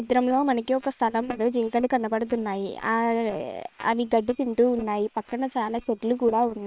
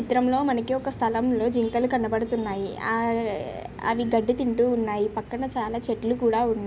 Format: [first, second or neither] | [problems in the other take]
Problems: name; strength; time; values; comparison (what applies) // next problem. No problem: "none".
second | noise reduction (neural separator model SepFormer WHAM!)